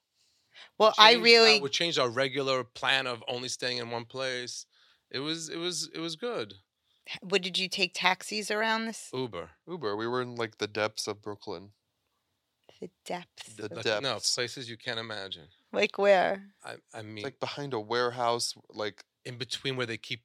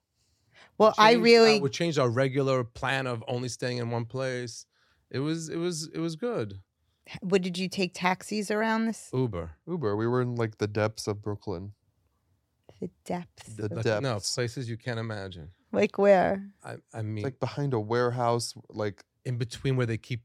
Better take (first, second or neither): second